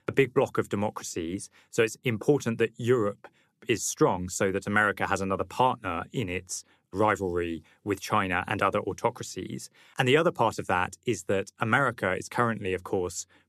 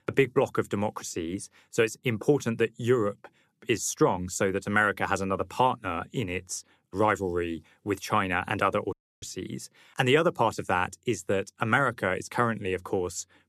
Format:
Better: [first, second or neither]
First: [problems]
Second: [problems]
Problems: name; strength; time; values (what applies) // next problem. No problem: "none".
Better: first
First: none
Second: audio cutting out; at 9 s